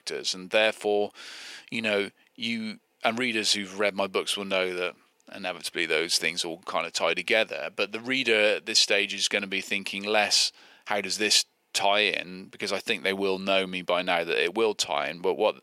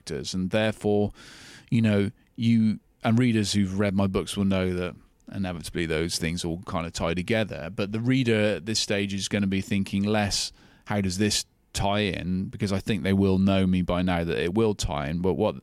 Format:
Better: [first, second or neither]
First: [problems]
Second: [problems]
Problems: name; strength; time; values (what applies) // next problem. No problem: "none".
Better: second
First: thin; very; fading below 550 Hz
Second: none